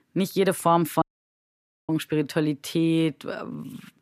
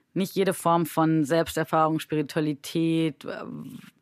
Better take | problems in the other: second | audio cutting out; at 1 s for 1 s

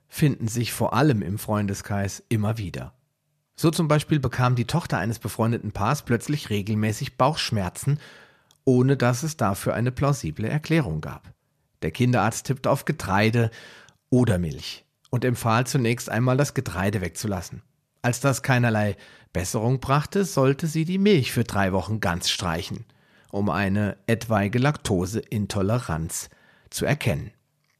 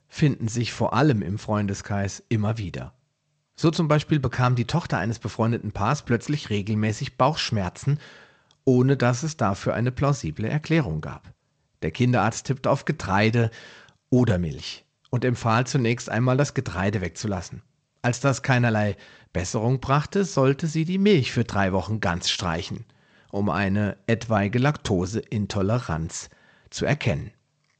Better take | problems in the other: first | garbled, watery; slightly; nothing above 7.5 kHz

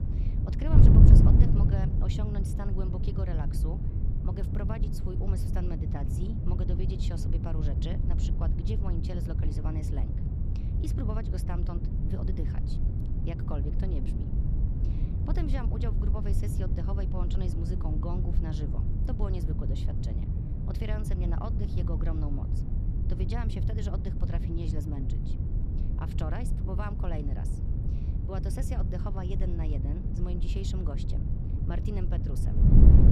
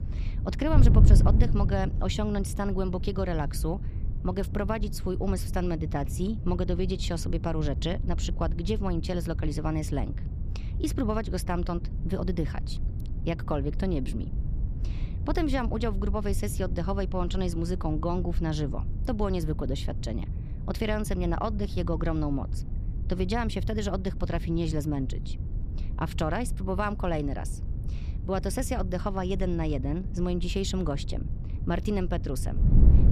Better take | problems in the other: second | wind noise on the microphone; heavy; 1 dB above the speech; occasional gusts in the second

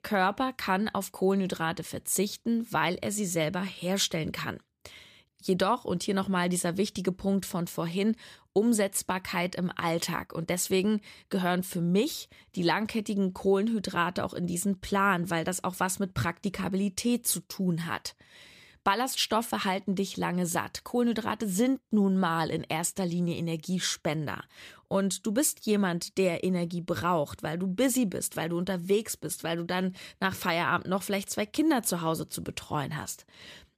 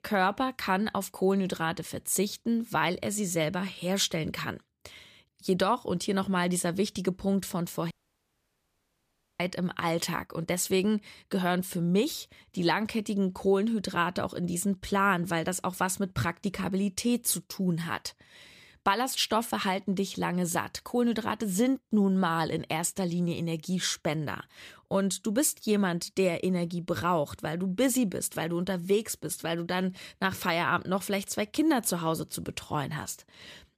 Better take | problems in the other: first | audio cutting out; at 8 s for 1.5 s

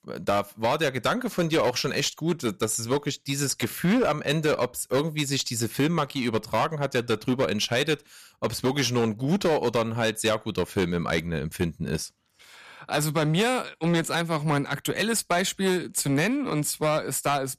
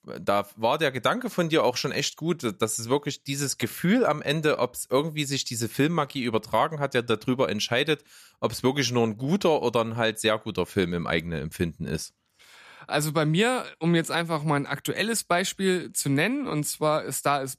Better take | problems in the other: second | distortion; slight; 9% of the sound clipped

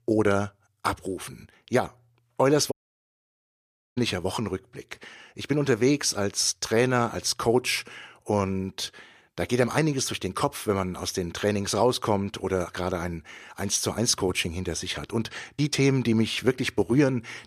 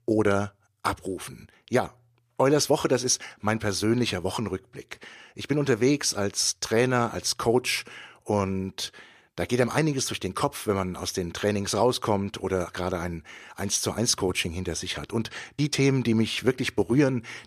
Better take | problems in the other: second | audio cutting out; at 2.5 s for 1 s

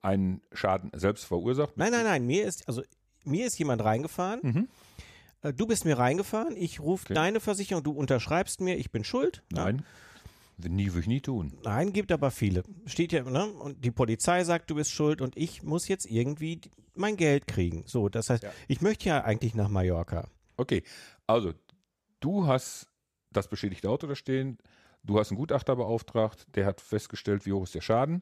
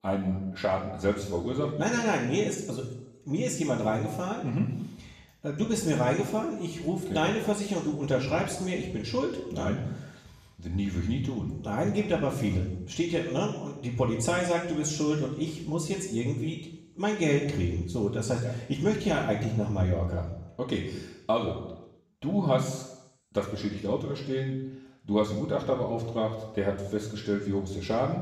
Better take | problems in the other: first | room echo; noticeable; dies away in 0.8 s // off-mic speech; far

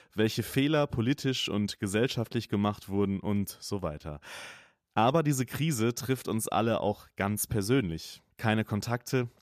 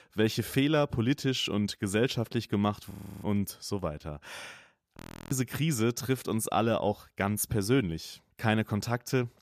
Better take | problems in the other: first | audio freezing; at 3 s and at 5 s

